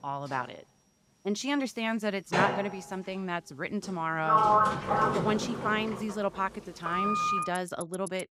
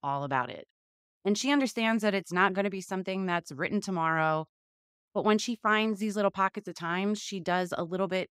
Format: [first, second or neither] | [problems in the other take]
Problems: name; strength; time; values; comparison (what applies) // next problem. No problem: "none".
second | household noises; very loud; throughout; 4 dB above the speech